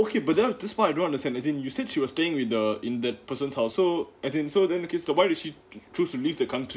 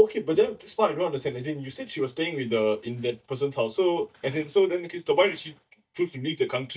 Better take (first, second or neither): first